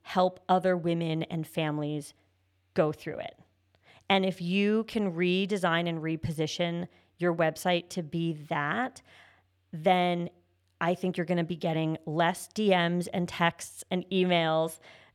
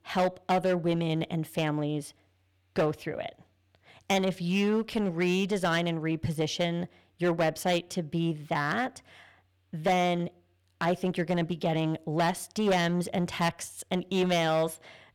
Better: first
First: none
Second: distortion; slight; 8% of the sound clipped

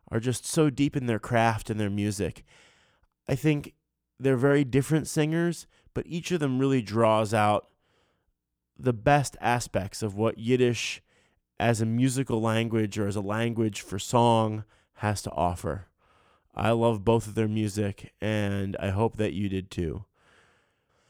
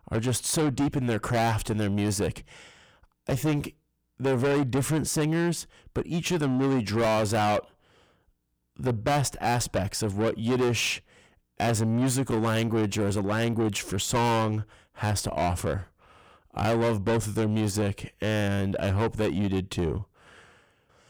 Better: first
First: none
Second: distortion; heavy; 6 dB below the speech

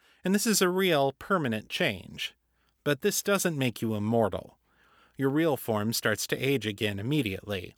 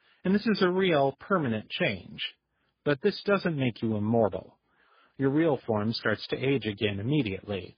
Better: first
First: none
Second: garbled, watery; badly; nothing above 4.5 kHz

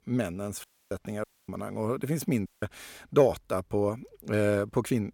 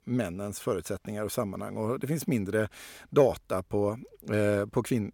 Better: second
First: audio cutting out; at 0.5 s, at 1 s and at 2.5 s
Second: none

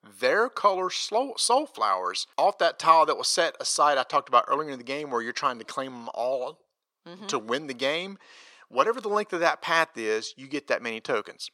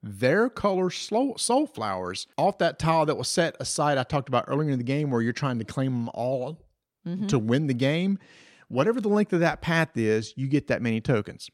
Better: second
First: thin; very; fading below 550 Hz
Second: none

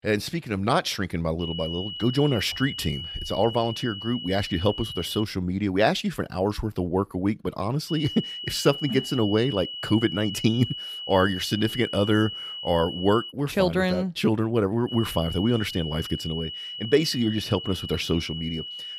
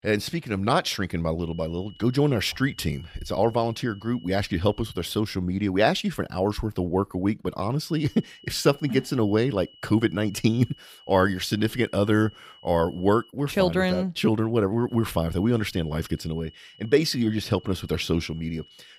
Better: second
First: high-pitched whine; loud; from 1.5 to 5 s, from 8 to 13 s and from 15 s on; 3 kHz, 8 dB below the speech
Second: high-pitched whine; faint; from 1.5 to 5 s, from 8 to 13 s and from 15 s on; 3 kHz, 25 dB below the speech

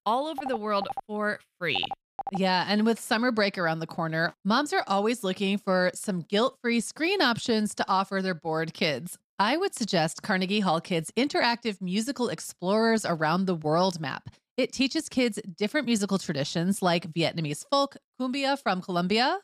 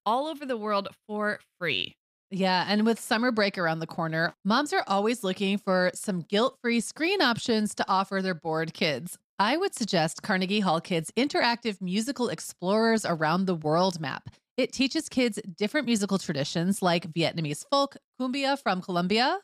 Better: second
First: phone ringing; faint; until 2.5 s; peak 10 dB below the speech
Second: none

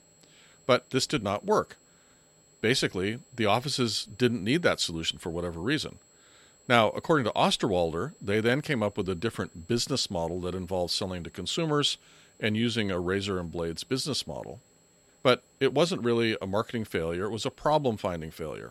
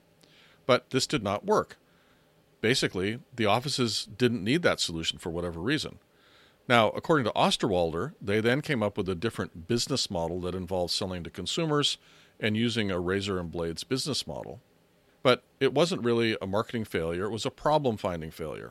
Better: second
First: high-pitched whine; faint; throughout; 7.5 kHz, 30 dB below the speech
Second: none

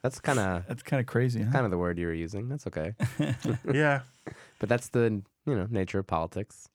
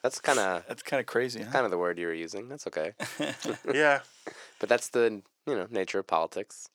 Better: first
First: none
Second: thin; somewhat; fading below 450 Hz

